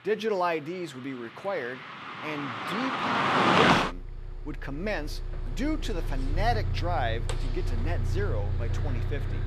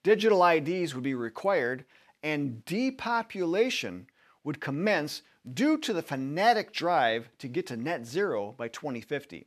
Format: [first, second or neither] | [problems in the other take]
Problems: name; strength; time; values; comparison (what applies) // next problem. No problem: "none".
second | traffic noise; very loud; throughout; 5 dB above the speech